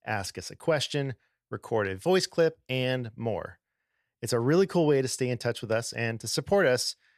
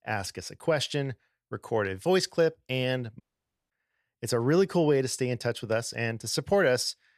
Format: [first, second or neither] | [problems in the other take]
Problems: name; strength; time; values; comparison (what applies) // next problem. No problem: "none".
first | audio cutting out; at 3 s for 0.5 s